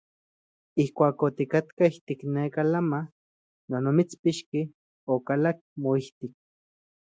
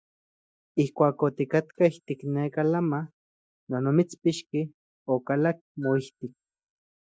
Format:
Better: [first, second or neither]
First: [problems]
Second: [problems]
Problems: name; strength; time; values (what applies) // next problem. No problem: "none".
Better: first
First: none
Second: noise reduction (neural mask model DeepFilterNet 3)